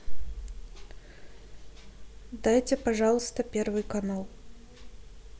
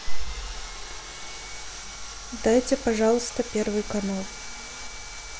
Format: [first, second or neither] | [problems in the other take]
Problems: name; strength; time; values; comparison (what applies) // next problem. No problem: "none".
first | background sound (Sawing); 13 dB below the speech